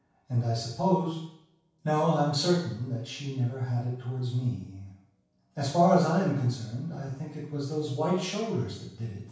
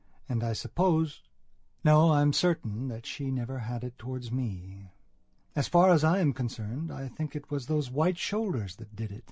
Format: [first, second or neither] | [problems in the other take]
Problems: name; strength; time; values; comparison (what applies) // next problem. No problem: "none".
second | room echo; dies away in 0.7 s